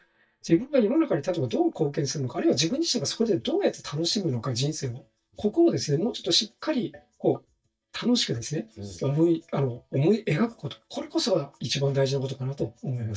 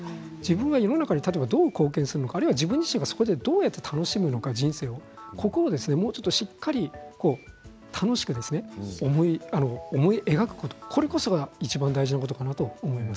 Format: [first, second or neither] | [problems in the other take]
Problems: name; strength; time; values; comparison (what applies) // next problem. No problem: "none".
second | noise reduction (neural mask model DeepFilterNet 3)